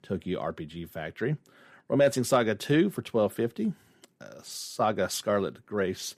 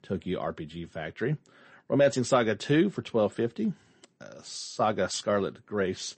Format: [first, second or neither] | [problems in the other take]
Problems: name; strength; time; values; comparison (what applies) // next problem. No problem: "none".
first | garbled, watery; slightly; nothing above 8 kHz